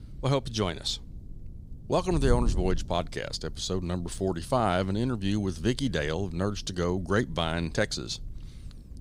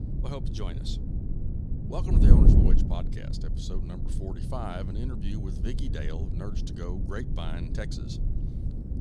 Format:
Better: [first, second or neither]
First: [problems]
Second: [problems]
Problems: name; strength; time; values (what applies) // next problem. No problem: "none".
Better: first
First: wind noise on the microphone; occasional gusts; 25 dB below the speech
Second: wind noise on the microphone; heavy; as loud as the speech